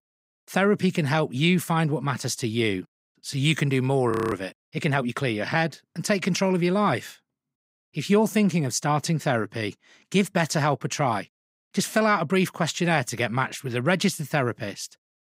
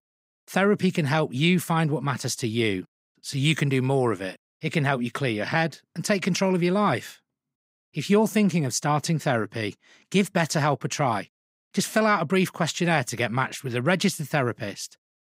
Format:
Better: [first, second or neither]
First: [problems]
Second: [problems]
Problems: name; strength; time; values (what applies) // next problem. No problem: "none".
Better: second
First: audio freezing; at 4 s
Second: none